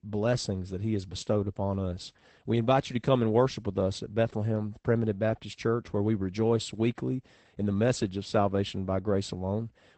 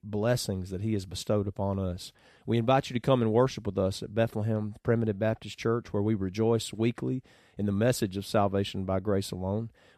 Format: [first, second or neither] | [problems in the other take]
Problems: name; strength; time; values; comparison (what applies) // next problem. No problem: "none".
second | garbled, watery; badly; nothing above 8 kHz